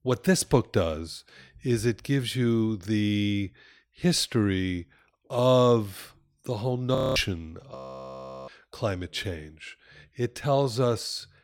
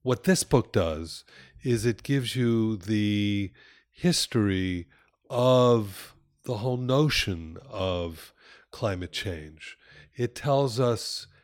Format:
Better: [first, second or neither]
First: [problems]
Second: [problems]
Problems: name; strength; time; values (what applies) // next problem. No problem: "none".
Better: second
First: audio freezing; at 7 s and at 8 s for 0.5 s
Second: none